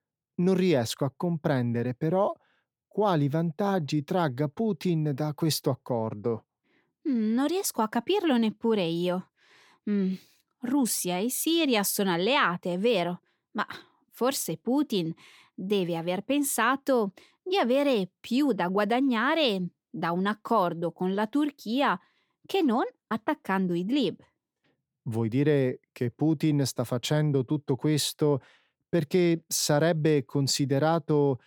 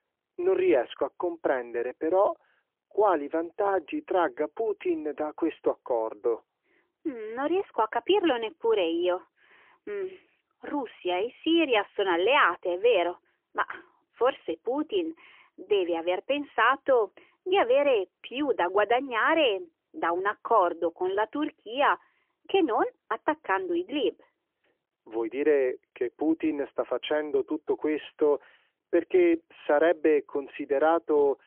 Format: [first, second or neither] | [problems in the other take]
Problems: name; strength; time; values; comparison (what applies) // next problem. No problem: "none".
first | phone-call audio; poor line; nothing above 3 kHz